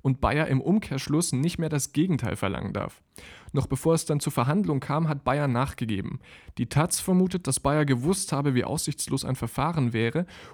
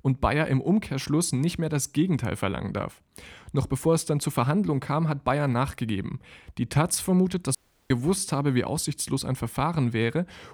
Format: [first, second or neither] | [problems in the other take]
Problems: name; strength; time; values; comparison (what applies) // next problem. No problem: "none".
first | audio cutting out; at 7.5 s